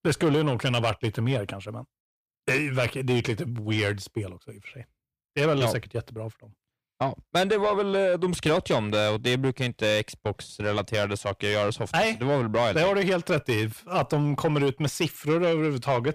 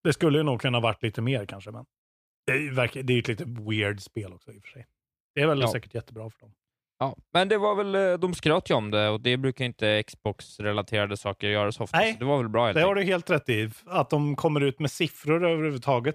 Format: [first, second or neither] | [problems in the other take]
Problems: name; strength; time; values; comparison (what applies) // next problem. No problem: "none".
second | distortion; slight; 10 dB below the speech